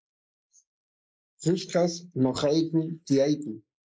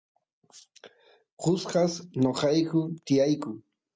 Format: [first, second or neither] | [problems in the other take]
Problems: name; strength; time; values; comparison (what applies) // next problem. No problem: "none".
second | noise reduction (neural mask model Resemble Enhance denoiser)